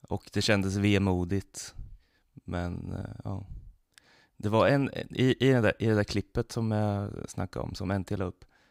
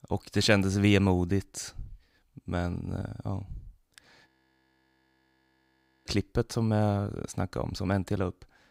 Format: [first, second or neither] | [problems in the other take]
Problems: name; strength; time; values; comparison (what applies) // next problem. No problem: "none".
first | audio freezing; at 4.5 s for 2 s